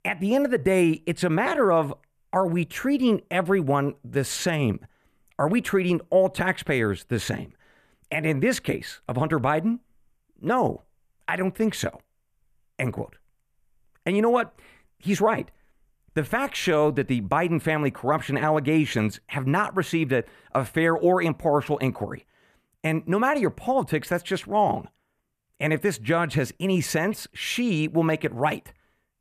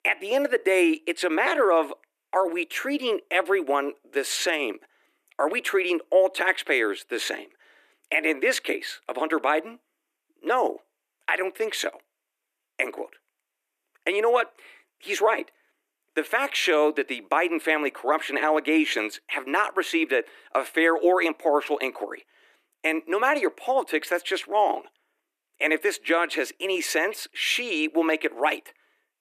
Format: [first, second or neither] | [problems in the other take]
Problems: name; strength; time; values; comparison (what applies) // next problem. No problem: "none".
first | thin; somewhat; fading below 300 Hz